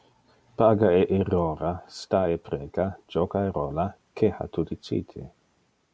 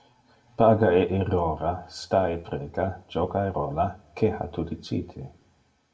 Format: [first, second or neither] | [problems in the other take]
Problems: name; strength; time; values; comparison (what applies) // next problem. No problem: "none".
first | room echo; dies away in 0.3 s